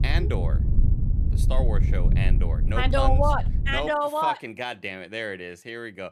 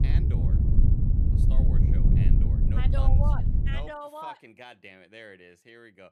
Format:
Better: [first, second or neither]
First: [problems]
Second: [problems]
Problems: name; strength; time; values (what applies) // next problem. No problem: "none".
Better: first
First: wind noise on the microphone; occasional gusts; until 4 s; 15 dB below the speech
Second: wind noise on the microphone; heavy; until 4 s; 1 dB above the speech